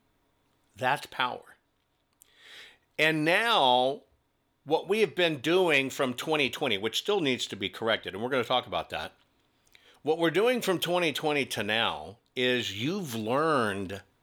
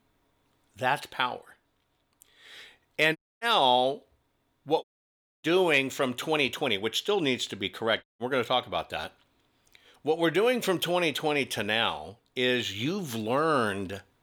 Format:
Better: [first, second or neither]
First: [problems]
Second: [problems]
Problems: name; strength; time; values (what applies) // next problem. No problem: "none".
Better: first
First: none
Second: audio cutting out; at 3 s, at 5 s for 0.5 s and at 8 s